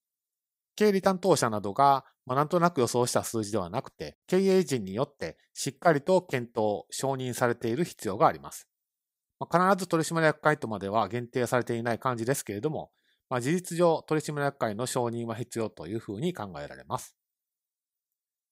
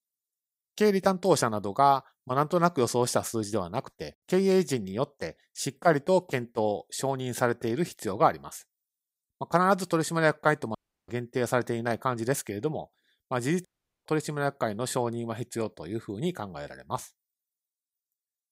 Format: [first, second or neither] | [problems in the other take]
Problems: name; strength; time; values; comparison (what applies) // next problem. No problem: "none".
first | audio cutting out; at 11 s and at 14 s